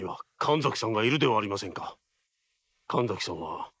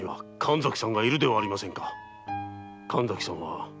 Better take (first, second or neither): second